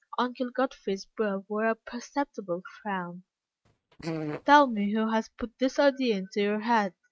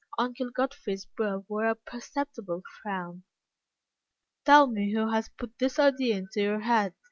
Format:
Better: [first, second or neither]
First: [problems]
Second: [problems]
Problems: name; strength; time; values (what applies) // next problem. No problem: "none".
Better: second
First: noise reduction (neural mask model RNNoise)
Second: none